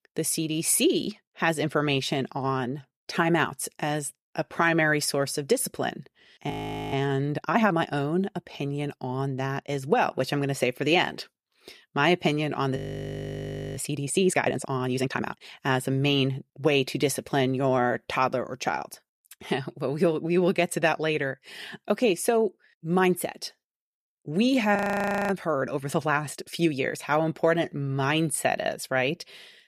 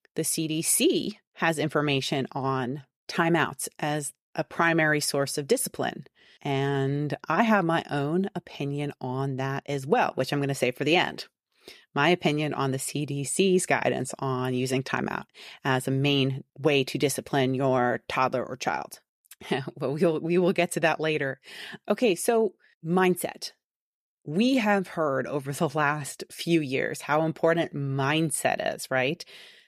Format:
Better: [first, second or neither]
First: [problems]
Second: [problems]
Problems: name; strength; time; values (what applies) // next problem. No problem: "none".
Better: second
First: audio freezing; at 6.5 s, at 13 s for 1 s and at 25 s for 0.5 s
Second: none